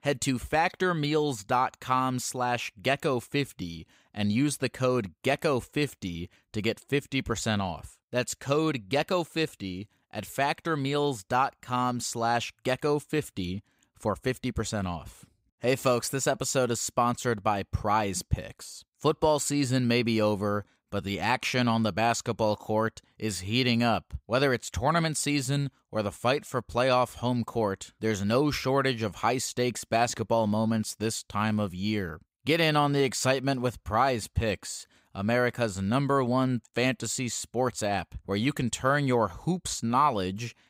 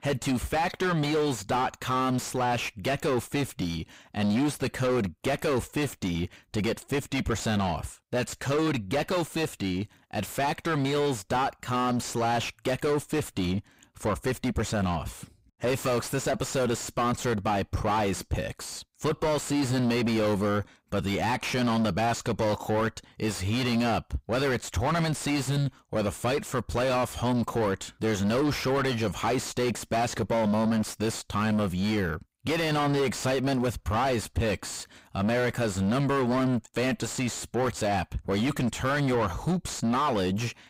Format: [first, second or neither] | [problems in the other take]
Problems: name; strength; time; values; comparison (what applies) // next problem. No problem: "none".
first | distortion; heavy; 5 dB below the speech